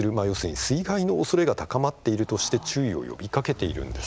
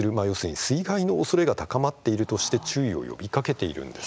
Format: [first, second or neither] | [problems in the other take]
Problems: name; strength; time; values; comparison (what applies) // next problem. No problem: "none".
second | background sound (Crowd); 16 dB below the speech